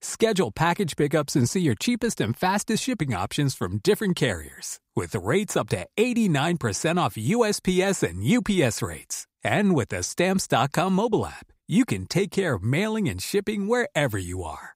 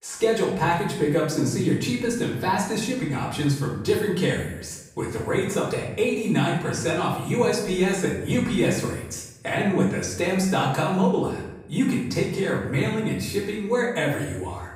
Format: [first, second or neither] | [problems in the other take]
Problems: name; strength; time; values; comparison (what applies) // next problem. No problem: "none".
first | off-mic speech; far // room echo; noticeable; dies away in 0.7 s